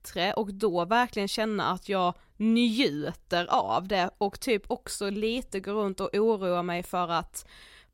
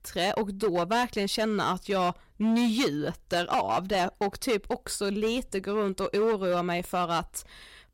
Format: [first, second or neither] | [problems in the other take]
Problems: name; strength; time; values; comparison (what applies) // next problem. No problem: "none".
first | distortion; slight; 10% of the sound clipped